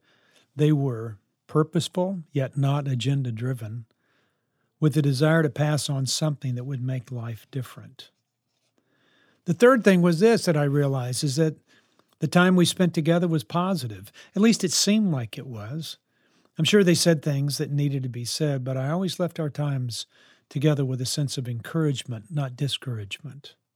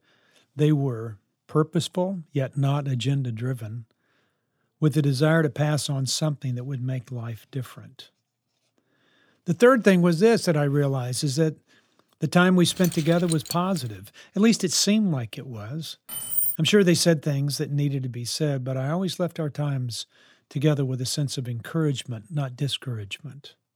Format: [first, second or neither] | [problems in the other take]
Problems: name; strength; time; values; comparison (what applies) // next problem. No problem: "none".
first | jangling keys; noticeable; from 13 to 14 s; peak 8 dB below the speech // jangling keys; loud; at 16 s; peak 2 dB above the speech